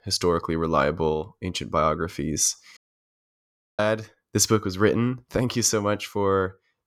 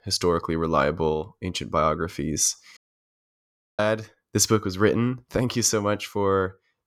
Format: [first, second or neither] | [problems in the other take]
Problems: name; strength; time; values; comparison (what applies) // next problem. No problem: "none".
neither | audio cutting out; at 3 s for 1 s; the same in both